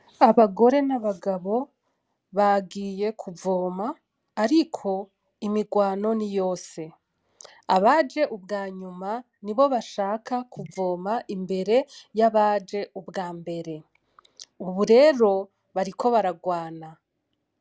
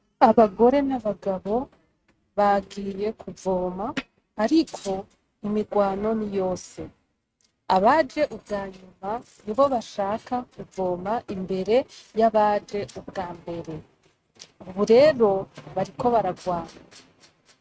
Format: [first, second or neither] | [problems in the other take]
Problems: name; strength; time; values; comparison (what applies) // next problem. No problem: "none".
first | noise reduction (neural mask model RNNoise)